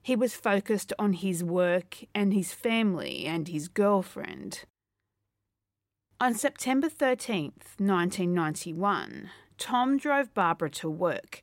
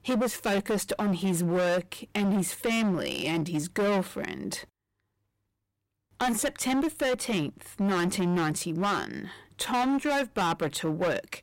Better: first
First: none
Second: distortion; heavy; 19% of the sound clipped

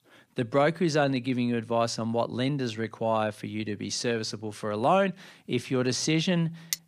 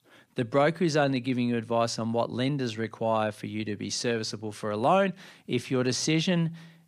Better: second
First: clattering dishes; very faint; at 6.5 s; peak 6 dB below the speech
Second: none

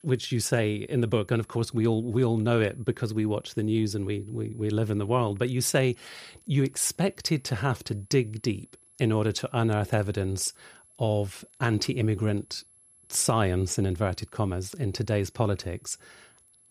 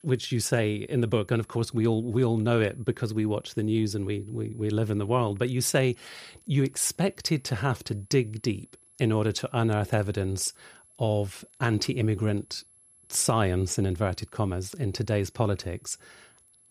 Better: neither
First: high-pitched whine; faint; throughout; 11 kHz, 30 dB below the speech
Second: high-pitched whine; faint; throughout; 11 kHz, 30 dB below the speech

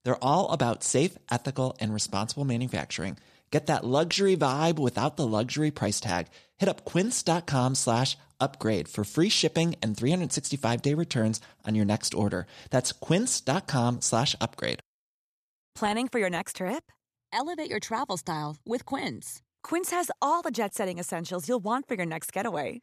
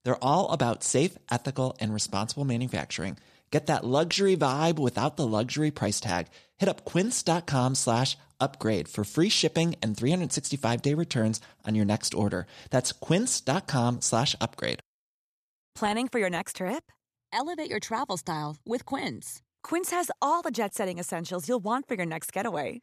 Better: neither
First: none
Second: none

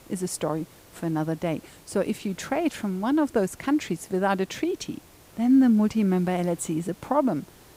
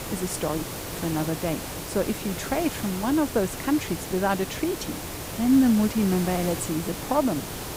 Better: first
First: hiss; faint; throughout; 25 dB below the speech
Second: hiss; loud; throughout; 7 dB below the speech

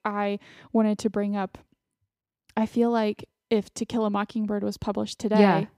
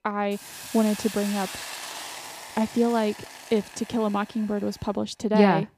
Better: first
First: none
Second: hiss; noticeable; throughout; 10 dB below the speech

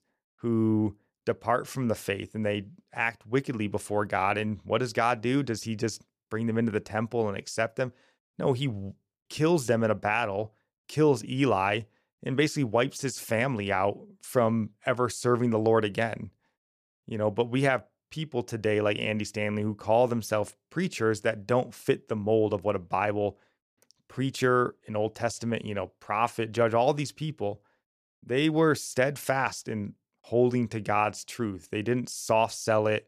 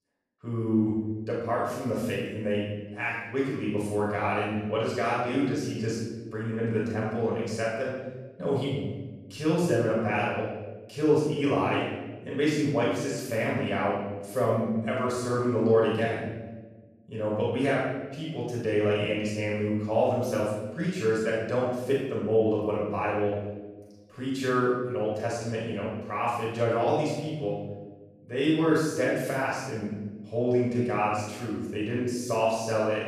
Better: first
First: none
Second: off-mic speech; far // room echo; strong; dies away in 1.1 s

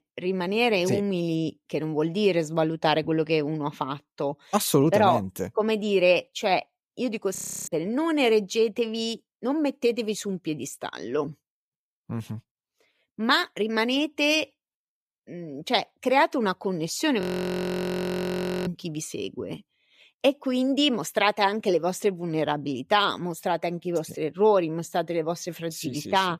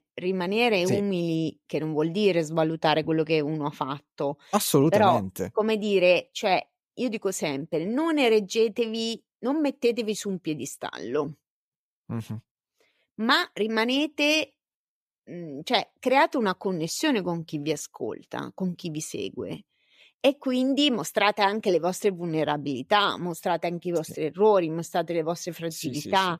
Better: second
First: audio freezing; at 7.5 s and at 17 s for 1.5 s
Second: none

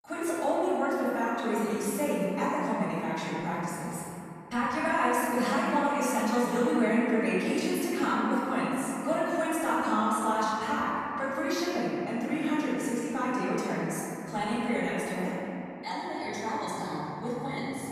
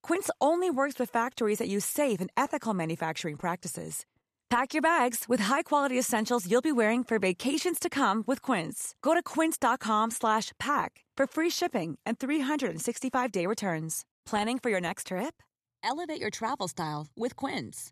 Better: second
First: room echo; strong; dies away in 3 s // off-mic speech; far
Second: none

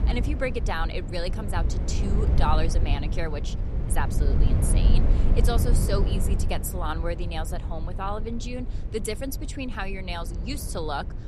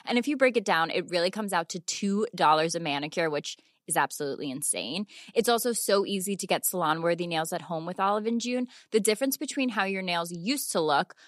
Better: second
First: low rumble; loud; throughout; 8 dB below the speech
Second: none

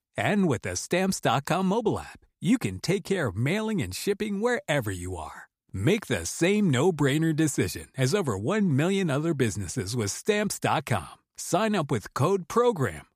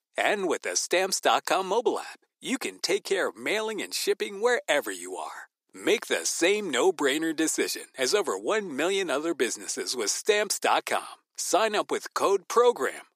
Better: first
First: none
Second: thin; very; fading below 350 Hz

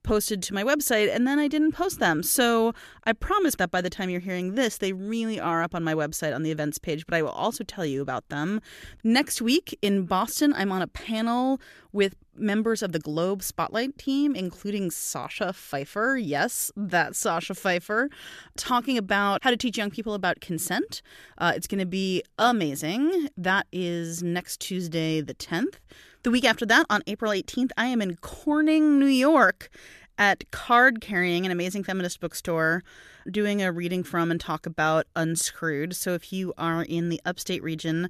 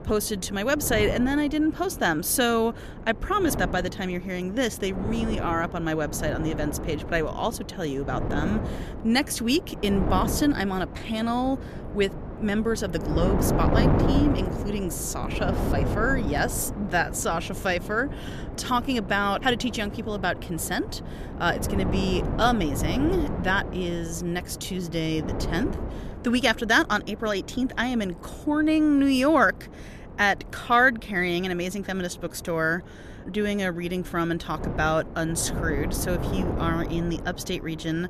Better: first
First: none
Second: wind noise on the microphone; heavy; 10 dB below the speech

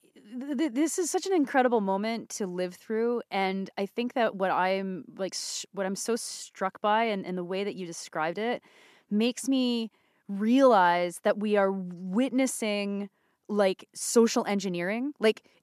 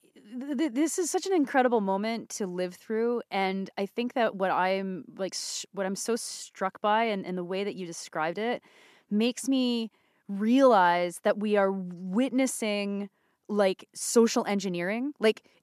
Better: neither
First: none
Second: none

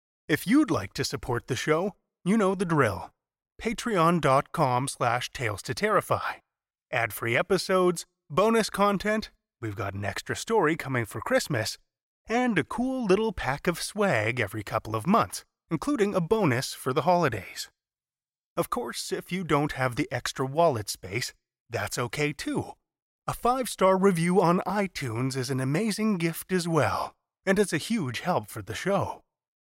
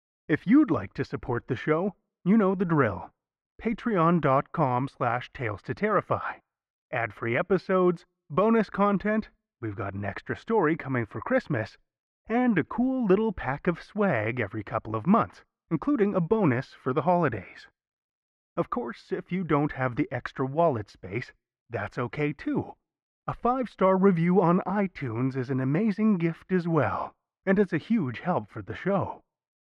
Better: first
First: none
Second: muffled; very; fading above 2 kHz

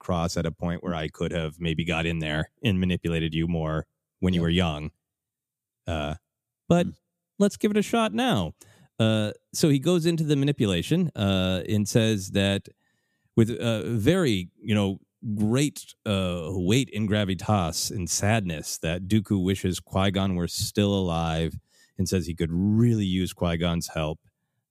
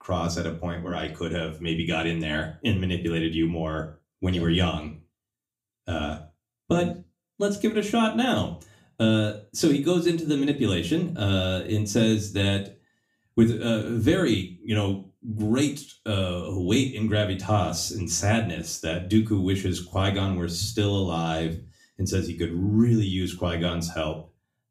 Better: first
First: none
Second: room echo; very slight; dies away in 0.3 s // off-mic speech; far

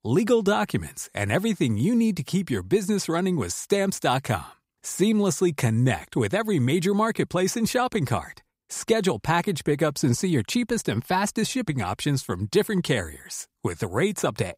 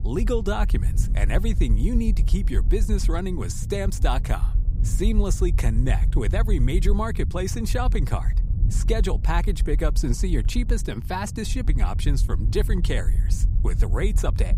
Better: first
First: none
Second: low rumble; noticeable; throughout; 15 dB below the speech

